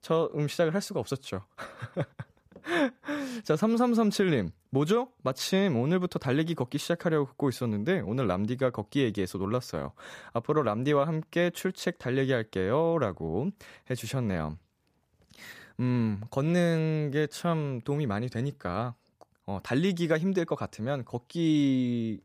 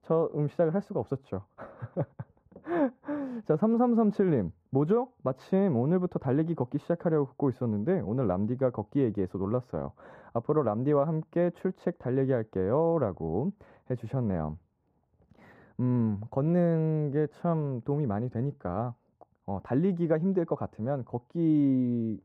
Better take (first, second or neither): first